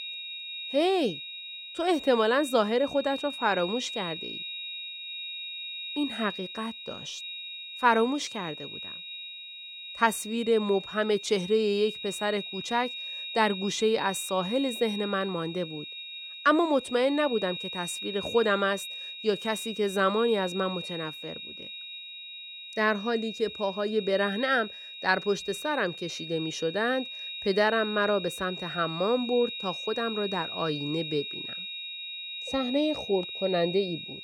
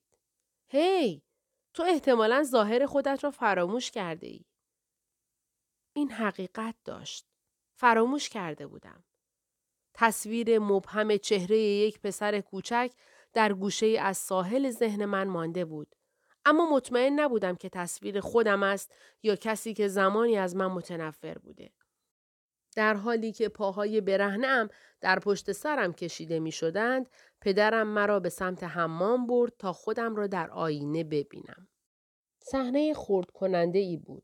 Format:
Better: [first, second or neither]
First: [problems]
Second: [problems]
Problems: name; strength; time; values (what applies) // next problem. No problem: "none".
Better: second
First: high-pitched whine; loud; throughout; 4 kHz, 8 dB below the speech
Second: none